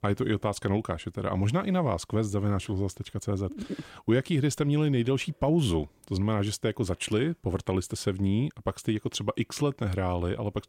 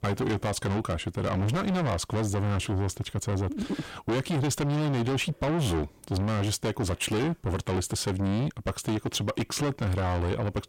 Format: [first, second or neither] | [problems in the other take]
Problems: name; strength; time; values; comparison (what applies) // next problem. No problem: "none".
first | distortion; heavy; 6 dB below the speech